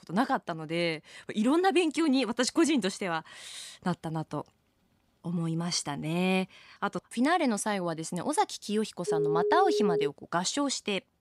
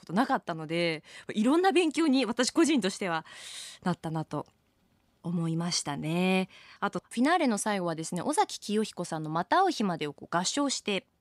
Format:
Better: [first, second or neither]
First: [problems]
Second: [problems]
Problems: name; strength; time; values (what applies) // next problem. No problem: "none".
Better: second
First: phone ringing; loud; from 9 to 10 s; peak 1 dB above the speech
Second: none